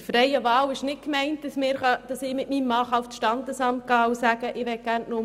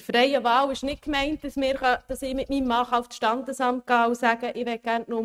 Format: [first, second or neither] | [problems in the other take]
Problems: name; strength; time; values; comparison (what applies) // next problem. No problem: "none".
first | noise reduction (neural mask model RNNoise)